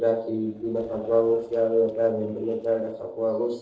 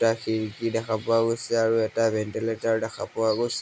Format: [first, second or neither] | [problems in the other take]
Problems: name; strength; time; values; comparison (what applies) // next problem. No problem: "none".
second | noise reduction (neural separator model SepFormer DNS4)